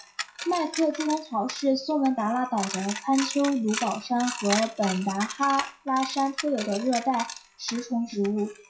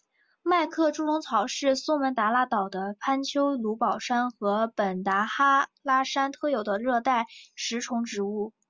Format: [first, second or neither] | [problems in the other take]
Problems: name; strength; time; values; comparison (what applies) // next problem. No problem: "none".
second | noise reduction (classical method WPE with log-MMSE)